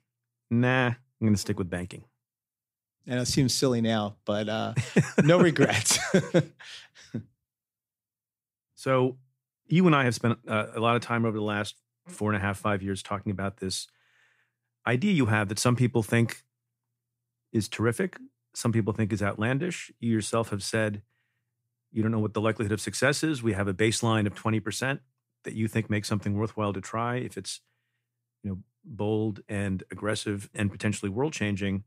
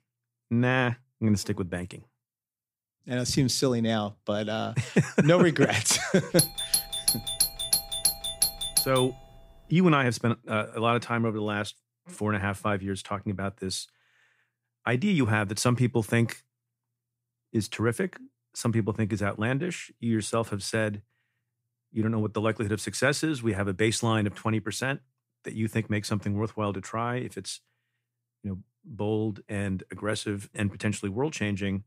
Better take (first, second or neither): first